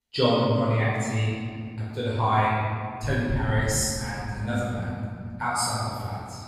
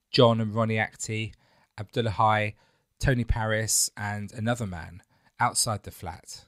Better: second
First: room echo; strong; dies away in 2.5 s // off-mic speech; far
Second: none

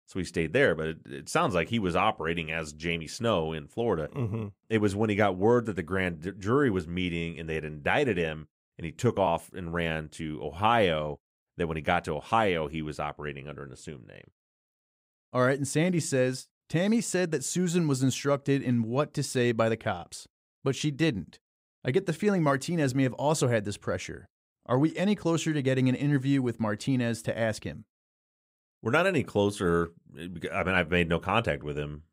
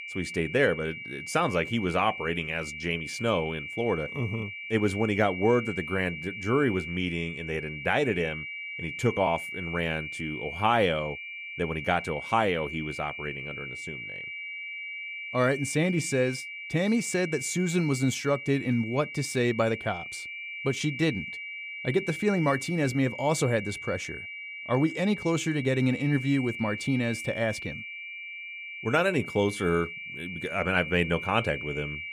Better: first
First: none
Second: high-pitched whine; loud; throughout; 2.5 kHz, 8 dB below the speech

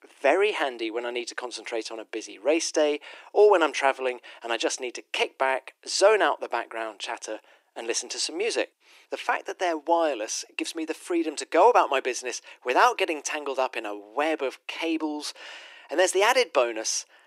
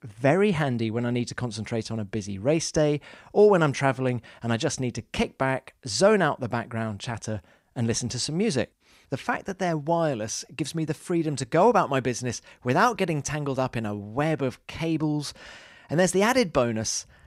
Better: second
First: thin; very; fading below 300 Hz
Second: none

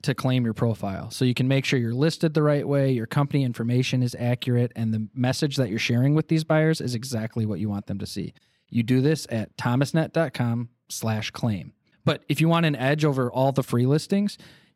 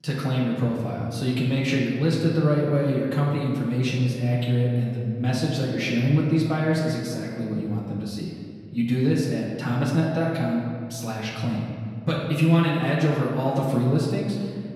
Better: first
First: none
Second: room echo; noticeable; dies away in 1.8 s // off-mic speech; far

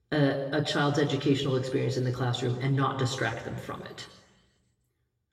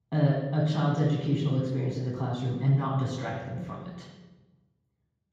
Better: first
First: room echo; slight; dies away in 1 s // off-mic speech; far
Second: room echo; strong; dies away in 1.3 s // off-mic speech; far

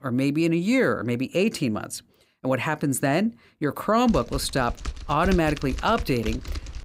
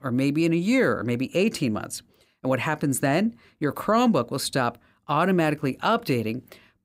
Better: second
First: keyboard typing; noticeable; from 4 s on; peak 8 dB below the speech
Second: none

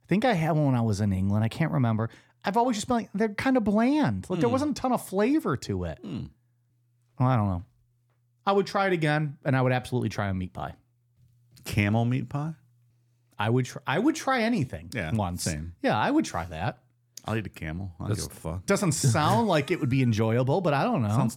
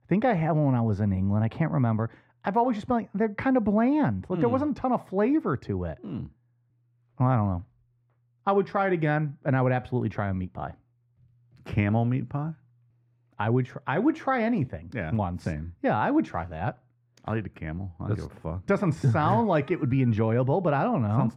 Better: first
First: none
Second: muffled; very; fading above 4 kHz

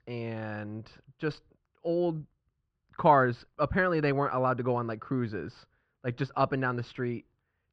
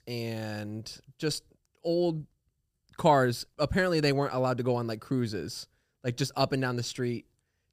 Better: second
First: muffled; very; fading above 2.5 kHz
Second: none

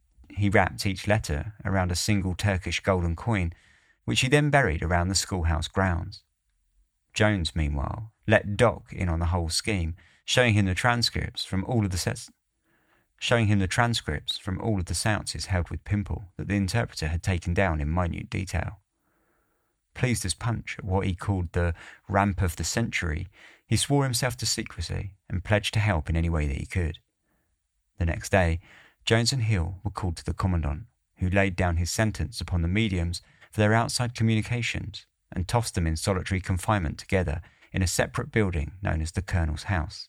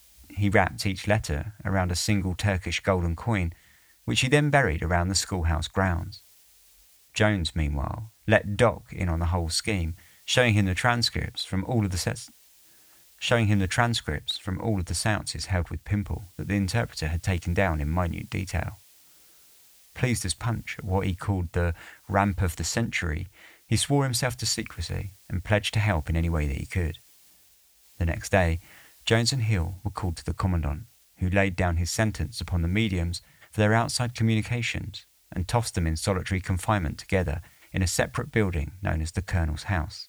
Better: first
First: none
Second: hiss; faint; throughout; 30 dB below the speech

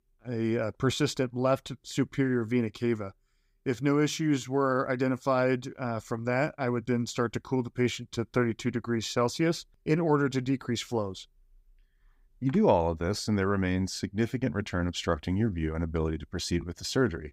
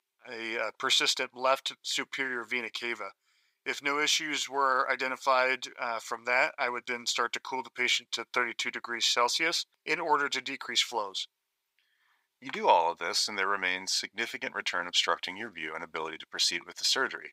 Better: first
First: none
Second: thin; very; fading below 850 Hz

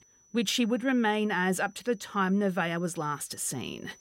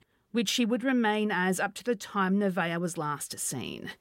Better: second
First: high-pitched whine; faint; throughout; 6 kHz, 30 dB below the speech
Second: none

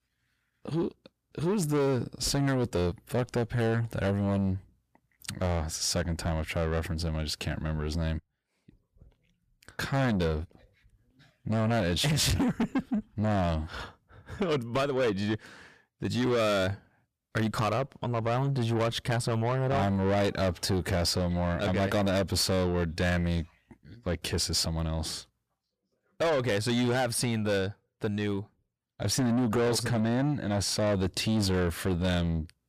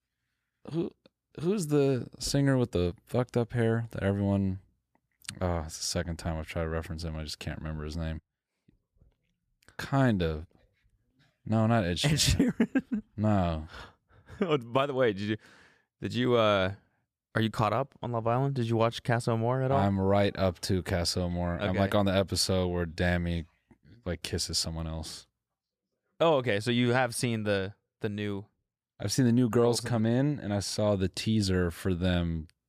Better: second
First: distortion; heavy; 7 dB below the speech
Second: none

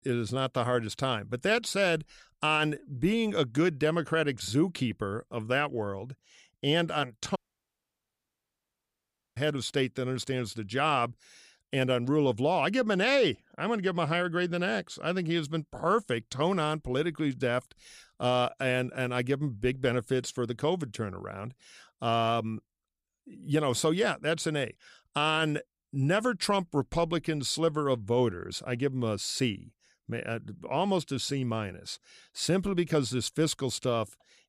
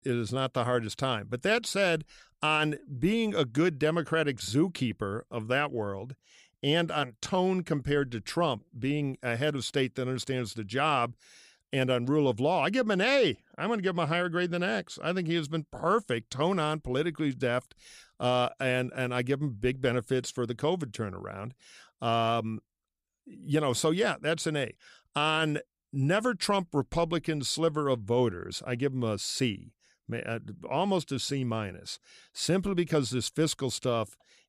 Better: second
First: audio cutting out; at 7.5 s for 2 s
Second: none

